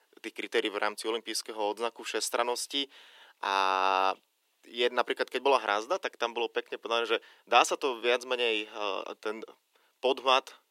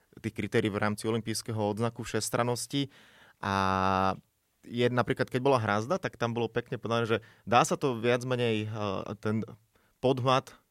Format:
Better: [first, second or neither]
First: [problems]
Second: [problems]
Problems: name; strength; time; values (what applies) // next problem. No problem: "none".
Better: second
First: thin; very; fading below 350 Hz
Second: none